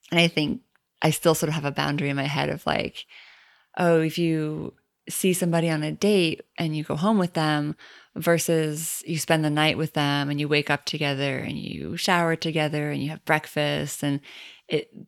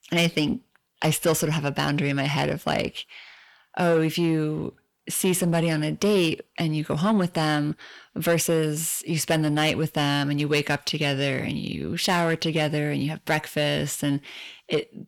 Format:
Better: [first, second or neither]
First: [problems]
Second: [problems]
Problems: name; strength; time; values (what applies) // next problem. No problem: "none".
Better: first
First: none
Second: distortion; slight; 10 dB below the speech